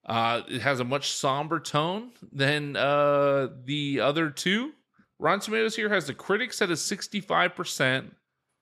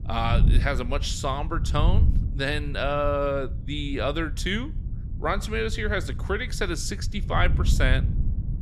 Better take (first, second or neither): first